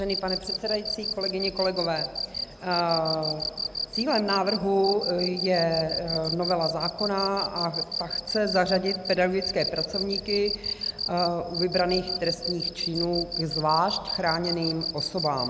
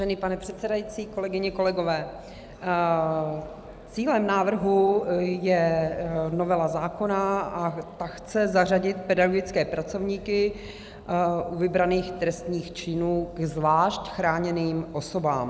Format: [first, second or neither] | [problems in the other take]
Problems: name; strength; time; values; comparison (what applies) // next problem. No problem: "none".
second | background sound (Cricket); 5 dB below the speech